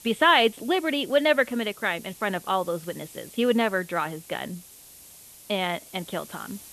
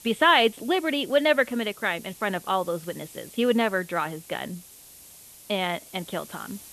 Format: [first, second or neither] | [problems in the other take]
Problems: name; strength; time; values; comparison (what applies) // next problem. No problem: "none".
neither | hiss; noticeable; throughout; 20 dB below the speech; the same in both